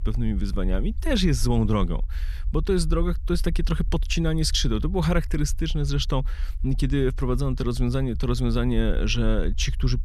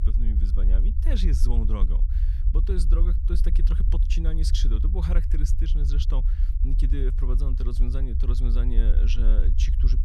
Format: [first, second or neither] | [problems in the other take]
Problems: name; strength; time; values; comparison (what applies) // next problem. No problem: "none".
first | low rumble; loud; throughout; 6 dB below the speech; faint in the first